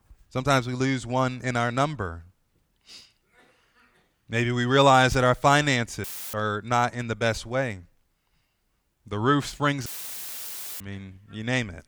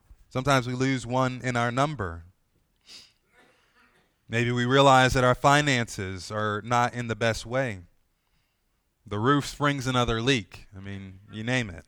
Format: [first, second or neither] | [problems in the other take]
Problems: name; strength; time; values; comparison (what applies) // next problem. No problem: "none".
second | audio cutting out; filled with static; at 6 s and at 10 s for 1 s